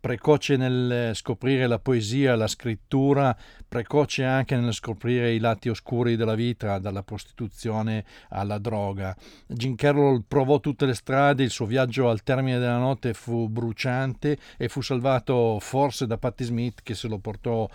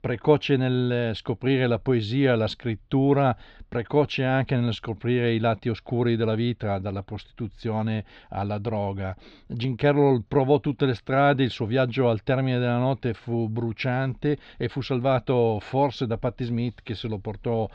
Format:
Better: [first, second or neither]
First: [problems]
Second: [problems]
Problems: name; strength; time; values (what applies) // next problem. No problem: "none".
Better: first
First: none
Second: muffled; very slightly; fading above 4 kHz